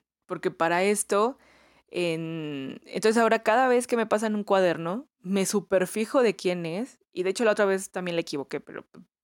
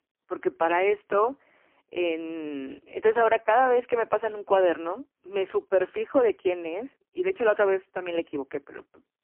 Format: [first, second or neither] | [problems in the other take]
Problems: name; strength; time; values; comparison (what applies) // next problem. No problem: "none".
first | phone-call audio; poor line; nothing above 3 kHz